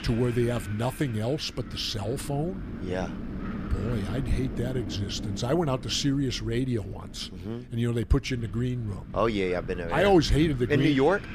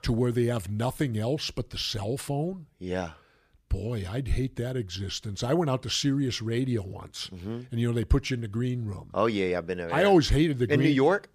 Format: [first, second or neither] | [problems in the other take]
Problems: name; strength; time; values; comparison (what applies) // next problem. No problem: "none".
second | wind noise on the microphone; occasional gusts; 15 dB below the speech